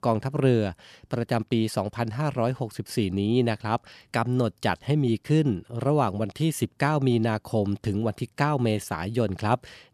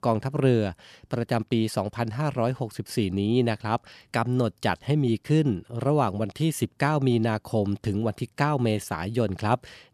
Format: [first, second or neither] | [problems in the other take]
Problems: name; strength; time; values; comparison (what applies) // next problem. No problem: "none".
neither | none